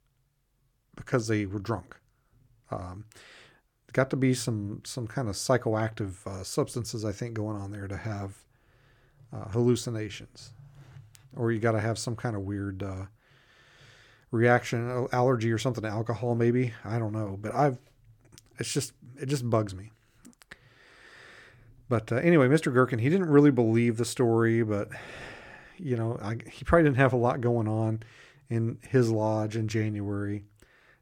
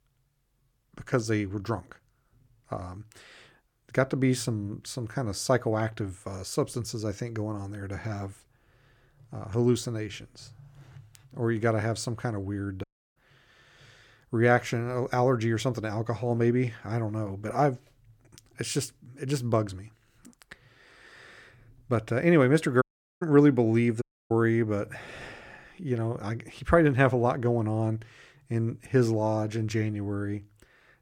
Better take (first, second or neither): first